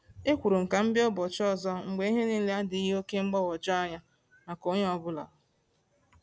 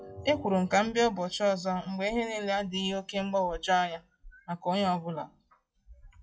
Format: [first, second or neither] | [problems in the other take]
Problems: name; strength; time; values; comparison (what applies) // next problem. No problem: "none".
first | noise reduction (classical method WPE with log-MMSE)